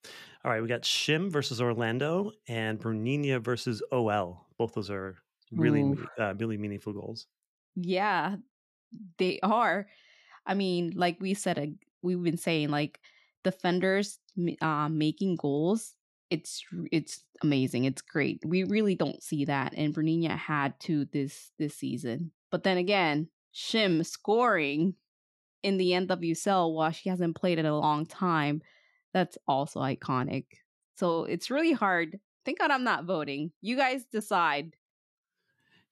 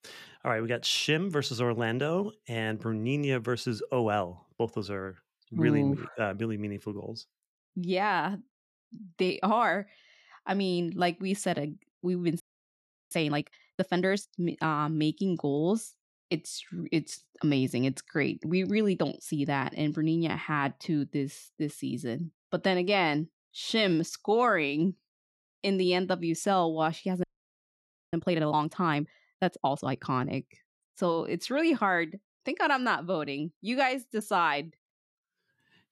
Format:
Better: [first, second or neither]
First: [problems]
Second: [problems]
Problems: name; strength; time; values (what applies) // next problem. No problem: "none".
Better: first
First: none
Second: audio freezing; at 12 s for 0.5 s and at 27 s for 1 s